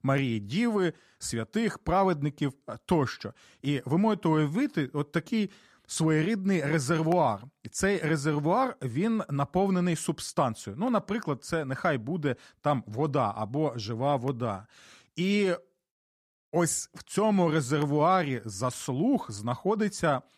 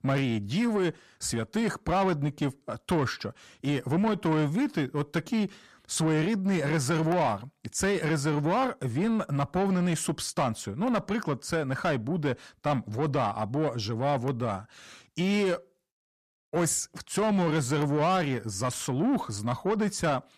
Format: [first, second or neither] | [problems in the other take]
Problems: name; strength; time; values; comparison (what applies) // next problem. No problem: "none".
first | distortion; slight; 10 dB below the speech